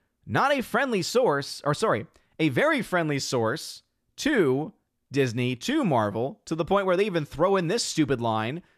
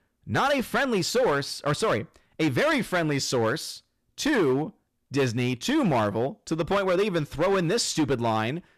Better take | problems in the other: first | distortion; slight; 10% of the sound clipped

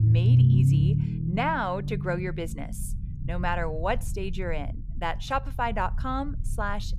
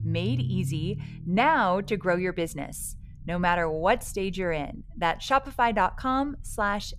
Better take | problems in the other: second | low rumble; loud; throughout; 7 dB below the speech; faint in the second

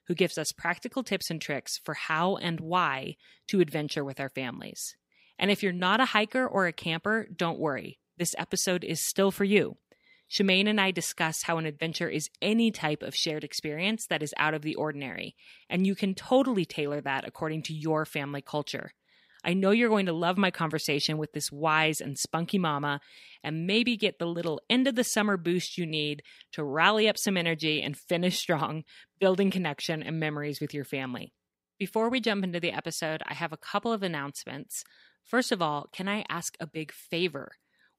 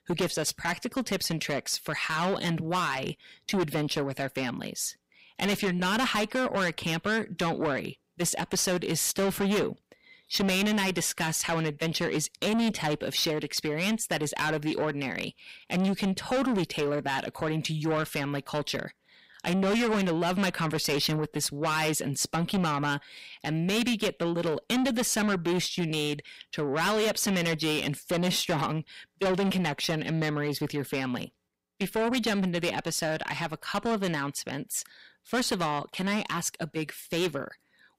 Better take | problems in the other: first | distortion; heavy; 5 dB below the speech

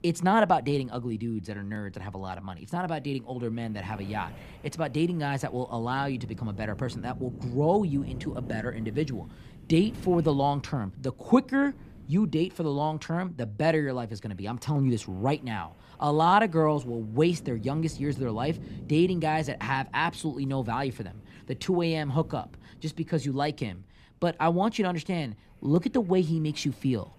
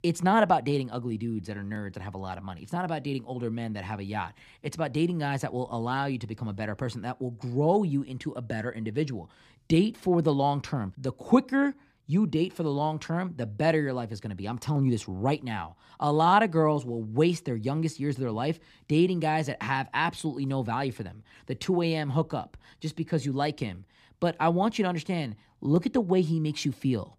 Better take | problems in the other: second | wind noise on the microphone; occasional gusts; 25 dB below the speech

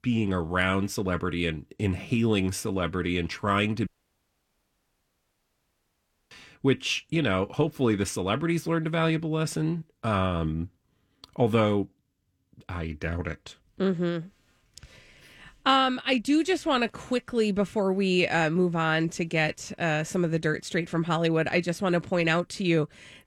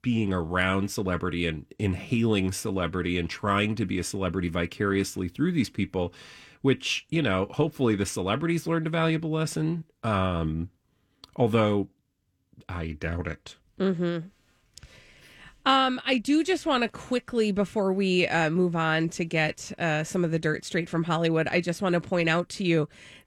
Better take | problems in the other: second | audio cutting out; at 4 s for 2.5 s

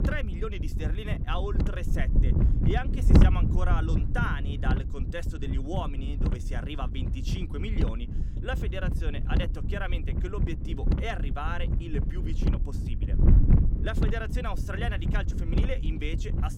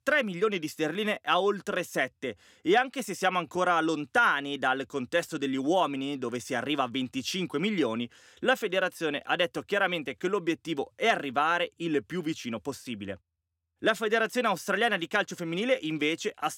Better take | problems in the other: second | wind noise on the microphone; heavy; 4 dB below the speech

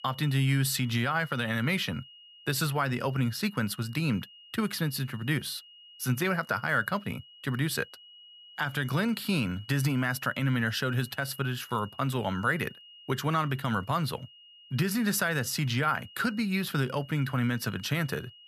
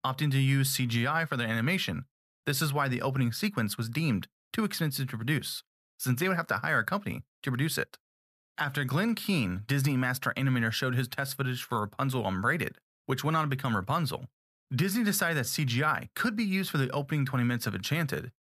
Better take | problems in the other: second | high-pitched whine; faint; throughout; 3 kHz, 20 dB below the speech

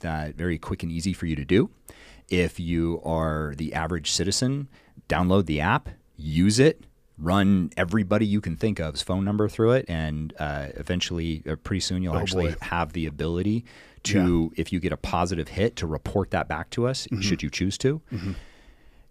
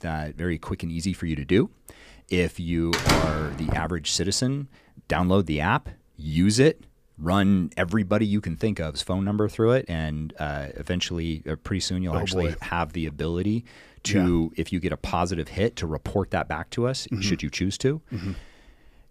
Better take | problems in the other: first | door banging; loud; at 3 s; peak 4 dB above the speech

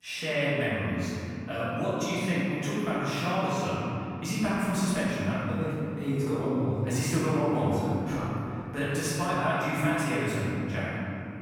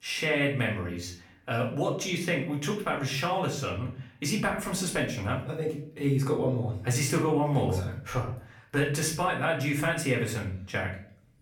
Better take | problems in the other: second | room echo; strong; dies away in 3 s; slight in the second // off-mic speech; far; far in the second

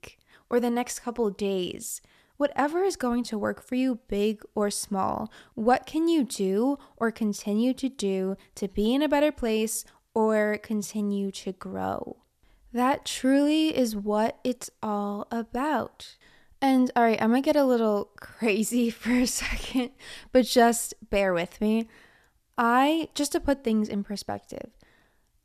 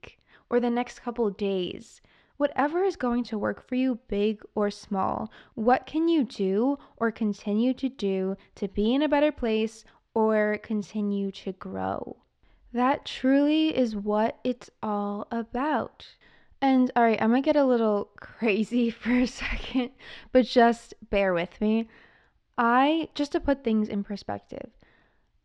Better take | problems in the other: first | muffled; slightly; fading above 4 kHz

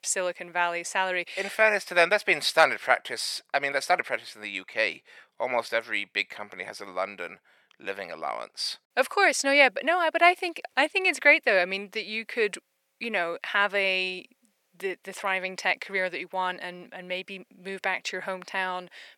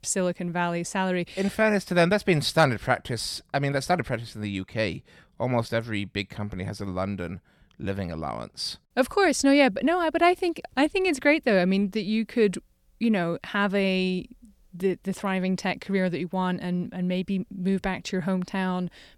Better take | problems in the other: second | thin; very; fading below 600 Hz

